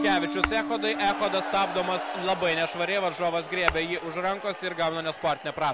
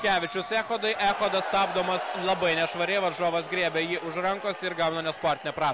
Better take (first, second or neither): second